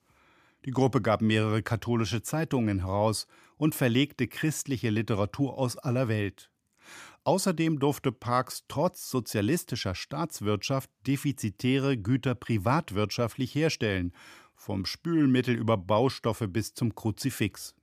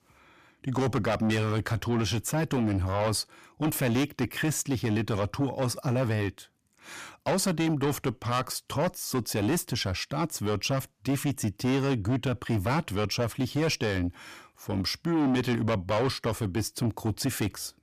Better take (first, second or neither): first